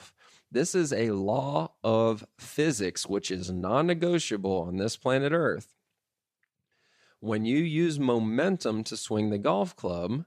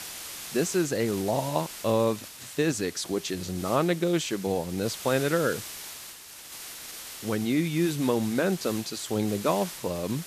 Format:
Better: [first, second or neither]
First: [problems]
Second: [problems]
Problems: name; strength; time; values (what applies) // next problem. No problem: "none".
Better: first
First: none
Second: hiss; noticeable; throughout; 10 dB below the speech